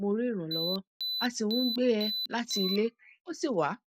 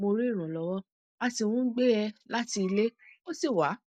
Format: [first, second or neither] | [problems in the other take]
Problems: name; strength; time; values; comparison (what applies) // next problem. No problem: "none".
second | background sound (Alarm); 4 dB below the speech